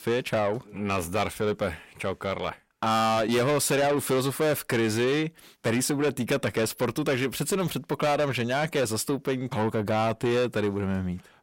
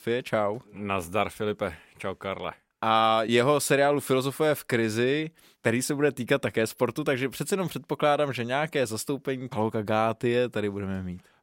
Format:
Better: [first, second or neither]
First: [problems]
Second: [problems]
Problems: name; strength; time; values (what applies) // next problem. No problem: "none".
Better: second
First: distortion; heavy; 8 dB below the speech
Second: none